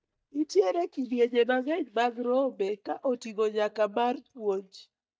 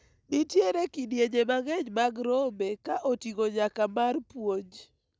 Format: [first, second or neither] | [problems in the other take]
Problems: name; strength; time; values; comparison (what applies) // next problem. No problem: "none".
second | noise reduction (neural mask model DeepFilterNet 3)